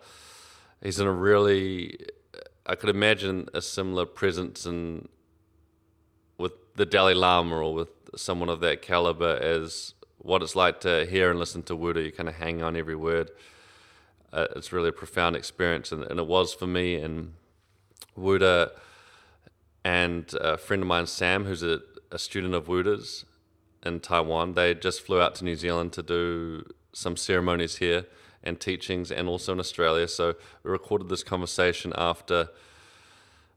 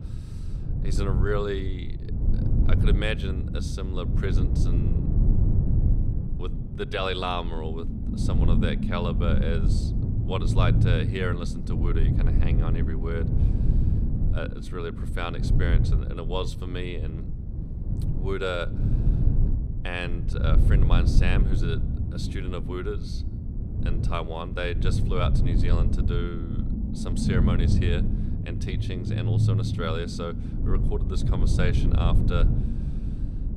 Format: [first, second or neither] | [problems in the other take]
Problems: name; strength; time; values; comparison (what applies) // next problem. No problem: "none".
first | low rumble; loud; throughout; 5 dB below the speech